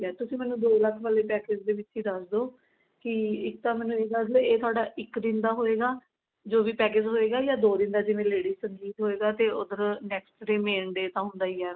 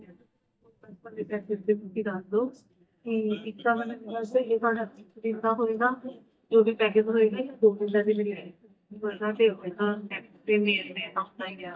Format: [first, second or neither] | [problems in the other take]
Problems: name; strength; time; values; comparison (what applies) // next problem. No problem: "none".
first | noise reduction (neural mask model DeepFilterNet 3)